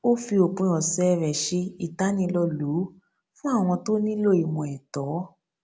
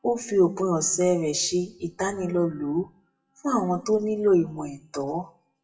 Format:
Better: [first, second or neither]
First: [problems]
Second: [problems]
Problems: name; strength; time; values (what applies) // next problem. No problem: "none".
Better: first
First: none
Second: noise reduction (classical method WPE with log-MMSE)